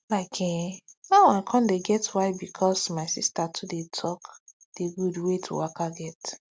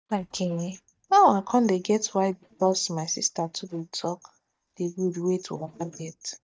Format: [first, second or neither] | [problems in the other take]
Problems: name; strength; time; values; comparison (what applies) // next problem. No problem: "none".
first | noise reduction (neural mask model DeepFilterNet 3)